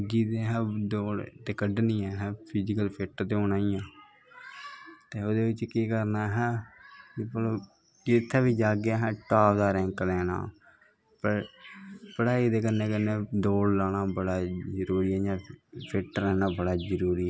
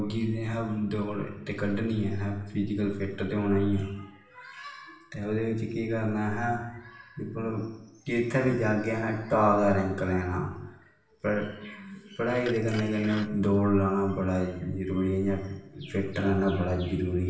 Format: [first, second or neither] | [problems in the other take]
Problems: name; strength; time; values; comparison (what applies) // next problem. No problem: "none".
first | background sound (Glass); 18 dB below the speech // room echo; dies away in 0.8 s